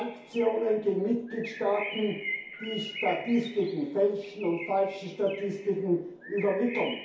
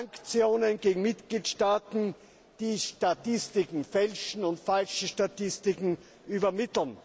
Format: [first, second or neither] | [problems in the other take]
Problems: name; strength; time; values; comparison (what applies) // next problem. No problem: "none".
second | background sound (Bird); 12 dB below the speech // room echo; dies away in 0.6 s